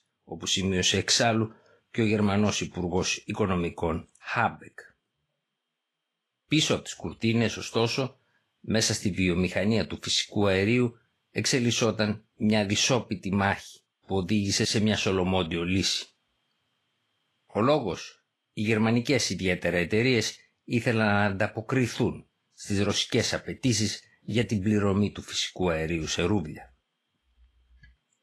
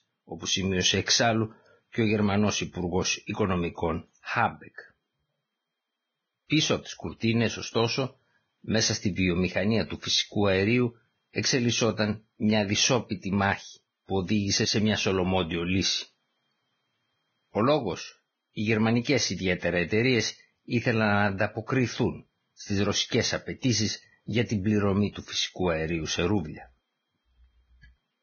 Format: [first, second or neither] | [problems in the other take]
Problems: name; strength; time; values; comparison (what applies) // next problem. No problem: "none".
first | garbled, watery; badly; nothing above 6.5 kHz; slightly in the first